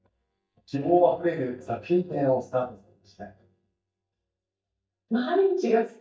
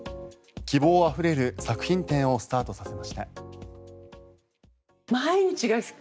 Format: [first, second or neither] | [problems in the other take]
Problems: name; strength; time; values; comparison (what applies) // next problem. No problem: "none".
second | noise reduction (neural mask model DeepFilterNet 3)